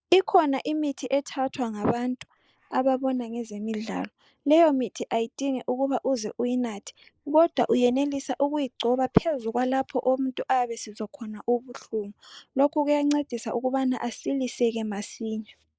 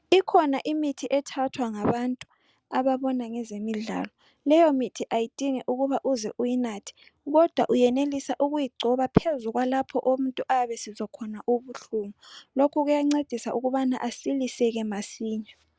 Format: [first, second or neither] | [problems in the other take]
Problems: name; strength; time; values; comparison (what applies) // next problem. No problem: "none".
second | noise reduction (neural mask model Resemble Enhance denoiser)